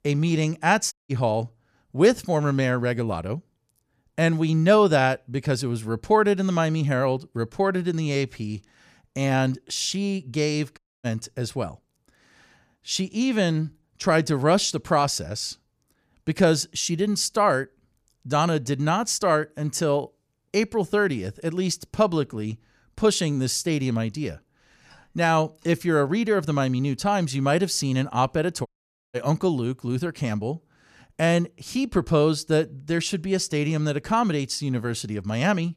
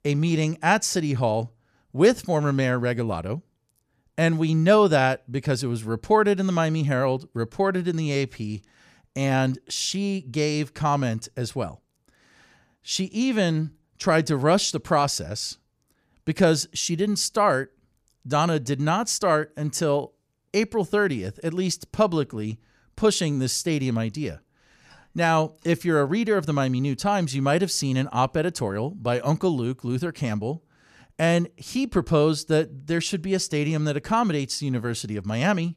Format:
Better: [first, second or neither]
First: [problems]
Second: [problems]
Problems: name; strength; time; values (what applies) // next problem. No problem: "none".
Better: second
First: audio cutting out; at 1 s, at 11 s and at 29 s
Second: none